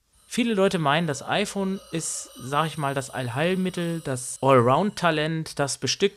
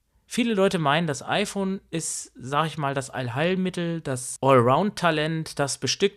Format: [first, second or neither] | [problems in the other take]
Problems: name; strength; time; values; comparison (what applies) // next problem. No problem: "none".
second | hiss; faint; throughout; 25 dB below the speech